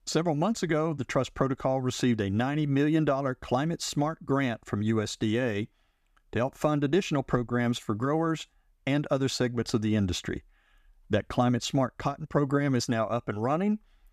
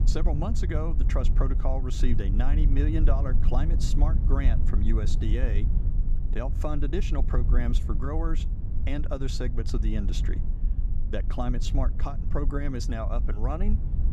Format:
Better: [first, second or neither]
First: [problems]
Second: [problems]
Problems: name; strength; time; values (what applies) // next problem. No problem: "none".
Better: first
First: none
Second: low rumble; loud; throughout; 9 dB below the speech